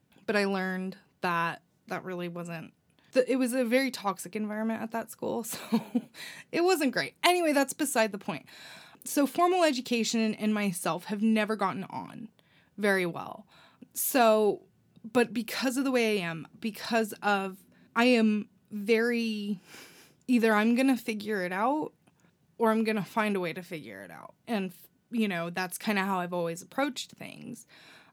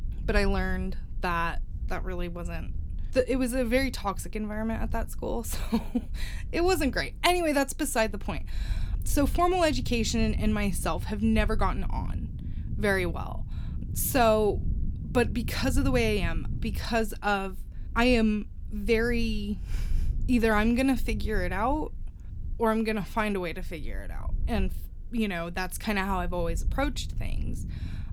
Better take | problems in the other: first | low rumble; faint; throughout; 25 dB below the speech

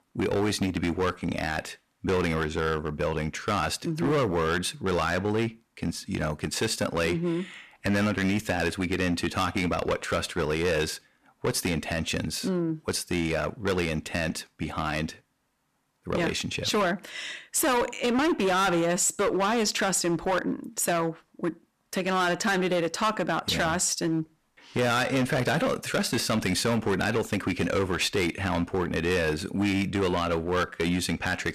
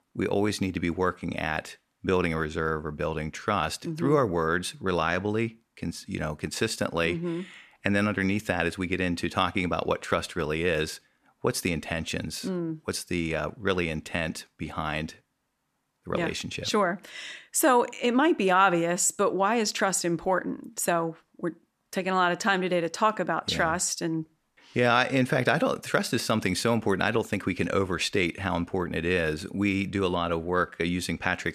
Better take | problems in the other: second | distortion; heavy; 12% of the sound clipped

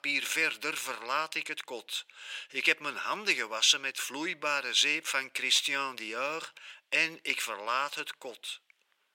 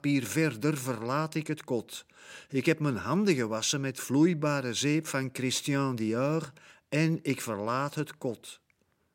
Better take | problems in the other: second | thin; very; fading below 750 Hz

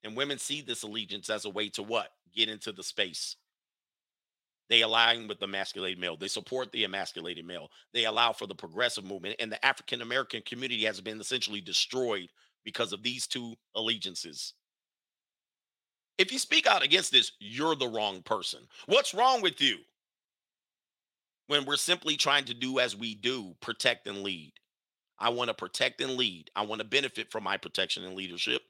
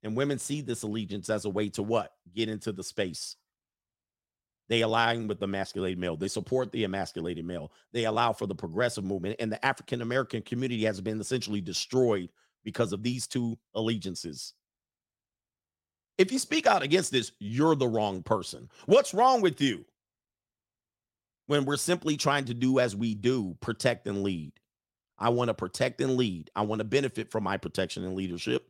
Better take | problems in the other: second | thin; somewhat; fading below 600 Hz

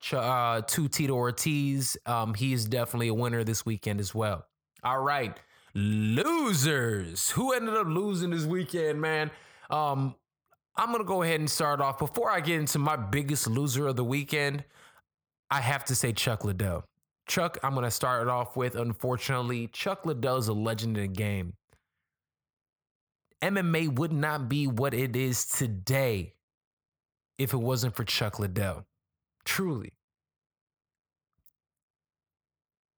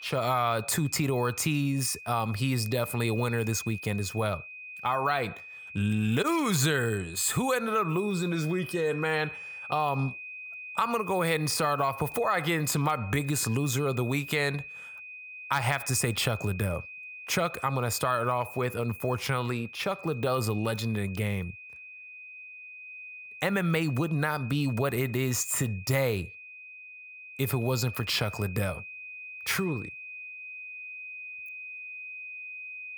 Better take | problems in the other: first | high-pitched whine; noticeable; throughout; 2.5 kHz, 10 dB below the speech

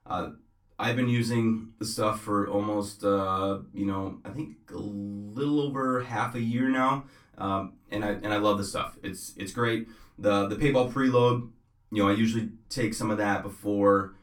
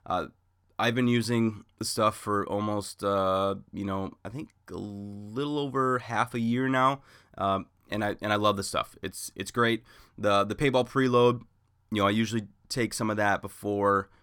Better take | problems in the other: second | off-mic speech; far // room echo; very slight; dies away in 0.2 s

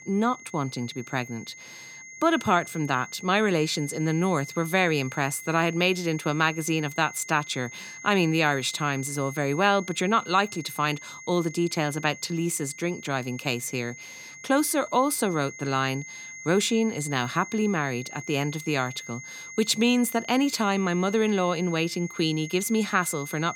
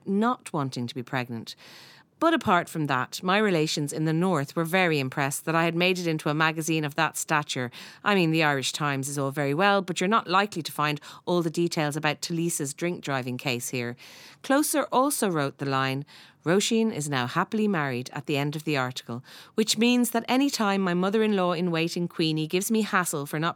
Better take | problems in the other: second | high-pitched whine; noticeable; throughout; 2 kHz, 15 dB below the speech

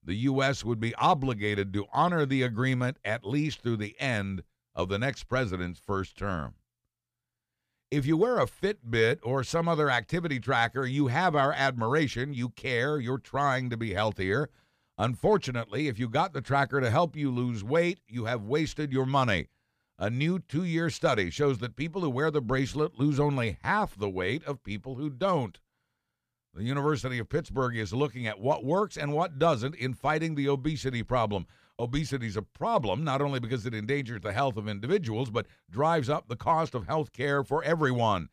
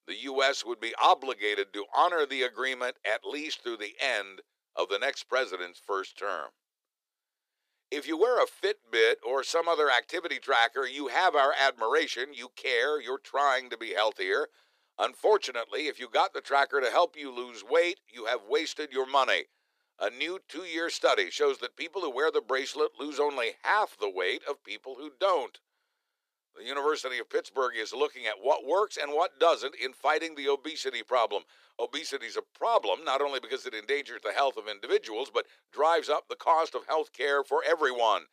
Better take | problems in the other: first | thin; very; fading below 350 Hz

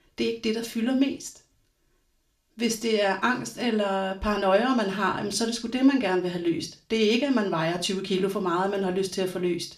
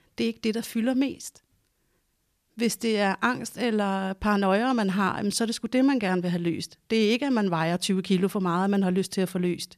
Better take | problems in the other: second | room echo; very slight; dies away in 0.3 s // off-mic speech; somewhat distant

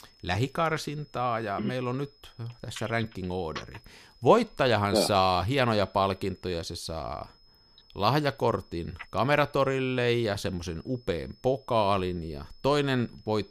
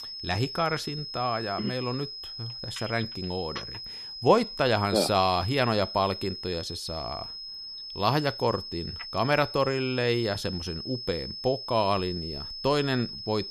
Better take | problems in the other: first | high-pitched whine; loud; throughout; 5 kHz, 8 dB below the speech; faint in the first

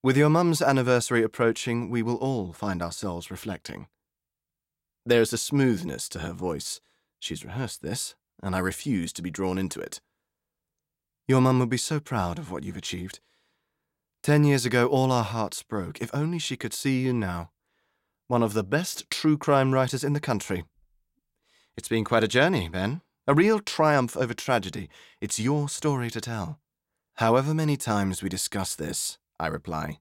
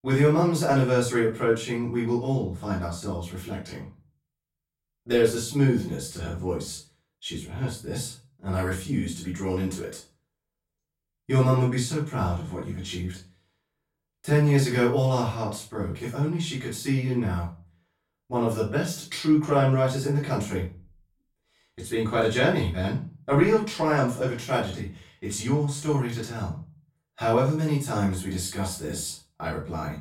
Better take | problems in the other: first | room echo; slight; dies away in 0.3 s // off-mic speech; far

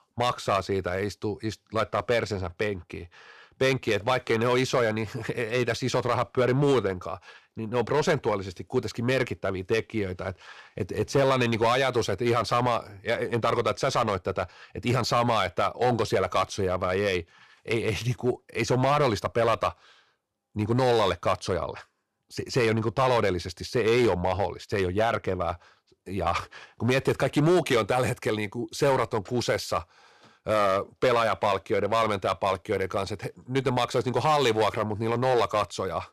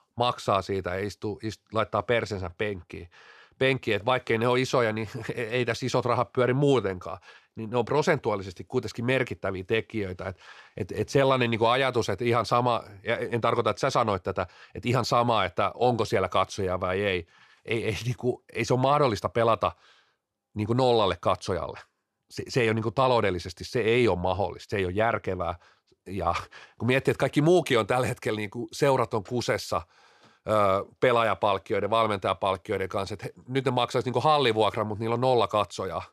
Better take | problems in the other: second | distortion; slight; 4% of the sound clipped

